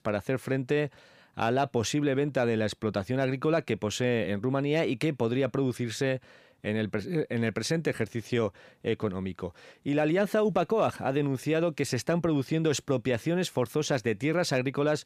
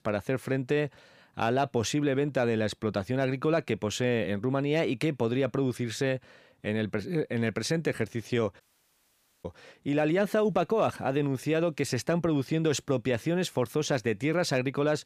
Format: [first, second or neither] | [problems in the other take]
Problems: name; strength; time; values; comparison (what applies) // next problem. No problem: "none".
first | audio cutting out; at 8.5 s for 1 s